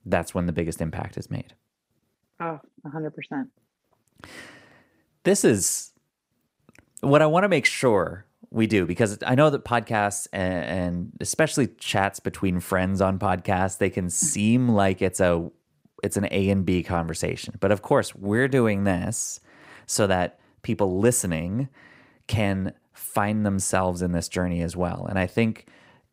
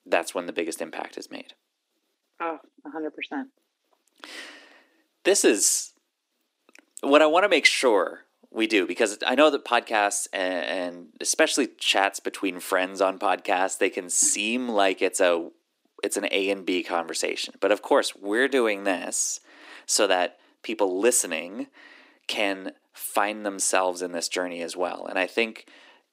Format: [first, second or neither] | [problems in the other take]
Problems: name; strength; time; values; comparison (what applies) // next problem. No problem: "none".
first | thin; somewhat; fading below 300 Hz